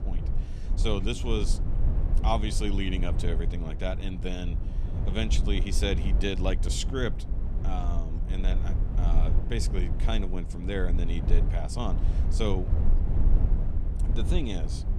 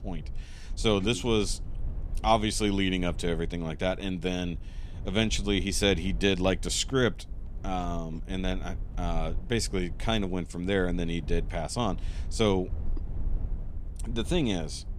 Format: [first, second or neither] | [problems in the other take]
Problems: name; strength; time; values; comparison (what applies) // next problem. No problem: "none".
second | low rumble; loud; throughout; 9 dB below the speech; faint in the second